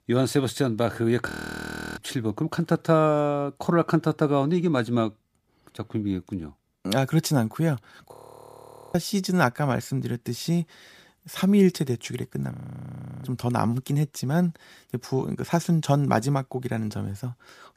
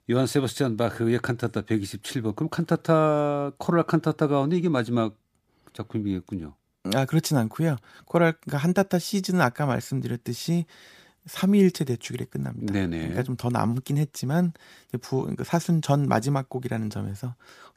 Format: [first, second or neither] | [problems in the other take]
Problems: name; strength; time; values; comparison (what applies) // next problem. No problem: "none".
second | audio freezing; at 1.5 s for 0.5 s, at 8 s for 1 s and at 13 s for 0.5 s